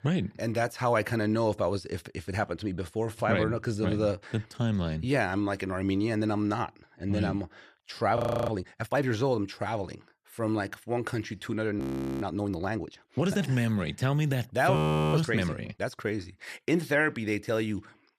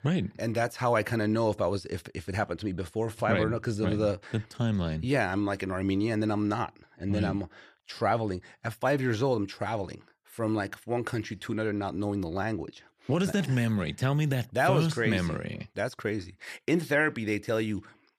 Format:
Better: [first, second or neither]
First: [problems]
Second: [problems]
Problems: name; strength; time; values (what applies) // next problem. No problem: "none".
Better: second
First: audio freezing; at 8 s, at 12 s and at 15 s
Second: none